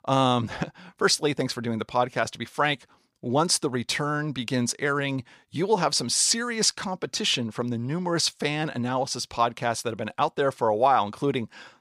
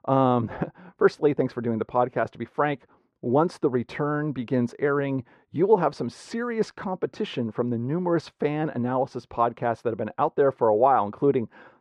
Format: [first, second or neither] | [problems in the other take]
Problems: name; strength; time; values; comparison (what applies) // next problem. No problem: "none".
first | muffled; very; fading above 3 kHz